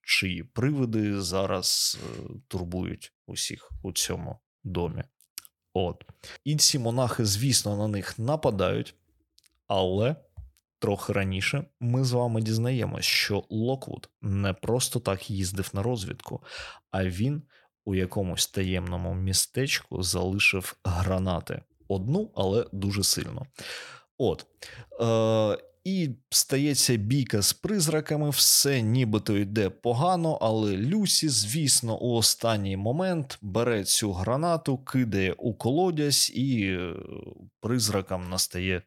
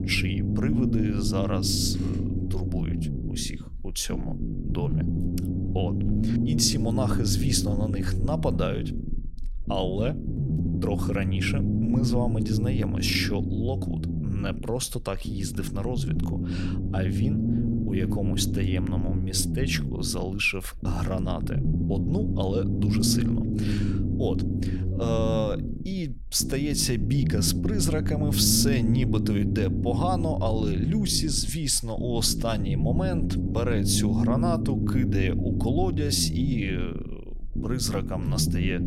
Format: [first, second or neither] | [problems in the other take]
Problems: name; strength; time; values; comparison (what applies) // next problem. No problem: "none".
first | low rumble; loud; throughout; 5 dB below the speech